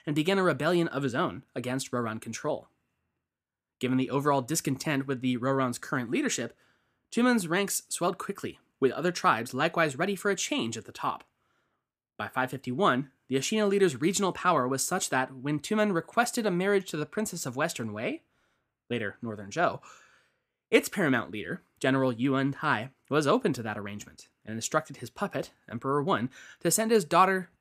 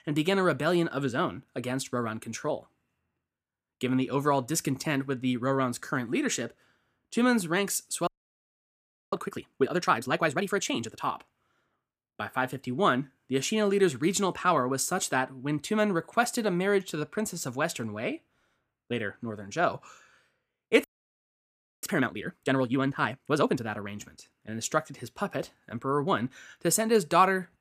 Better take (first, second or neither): first